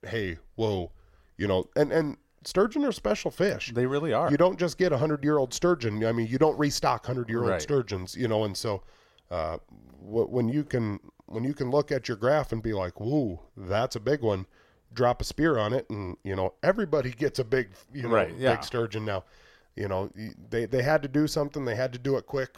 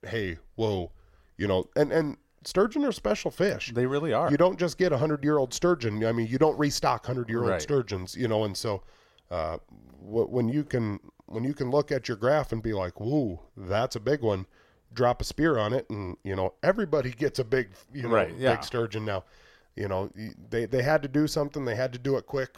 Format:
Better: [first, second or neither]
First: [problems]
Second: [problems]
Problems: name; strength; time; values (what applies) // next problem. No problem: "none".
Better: neither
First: none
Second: none